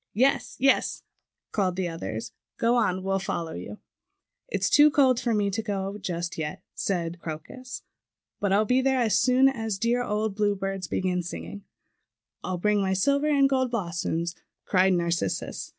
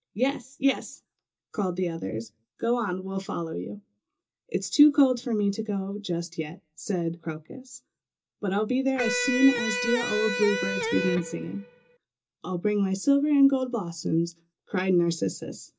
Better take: first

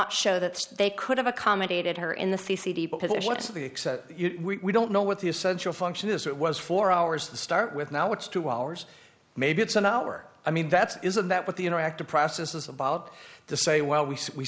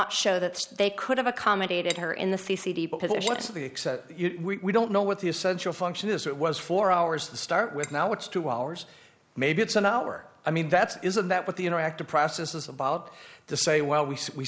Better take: first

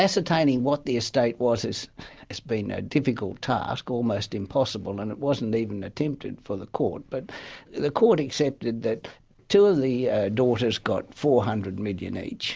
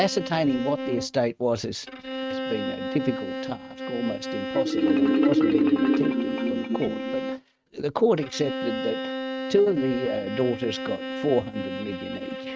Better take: first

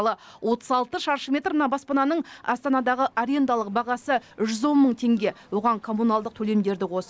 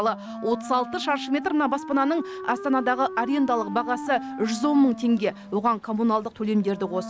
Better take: first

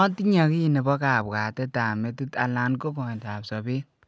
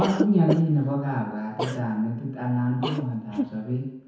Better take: first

